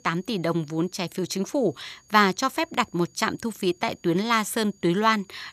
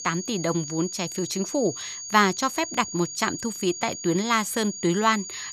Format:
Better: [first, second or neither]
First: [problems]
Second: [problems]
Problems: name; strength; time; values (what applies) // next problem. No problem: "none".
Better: first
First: high-pitched whine; faint; throughout; 6.5 kHz, 30 dB below the speech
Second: high-pitched whine; loud; throughout; 6.5 kHz, 8 dB below the speech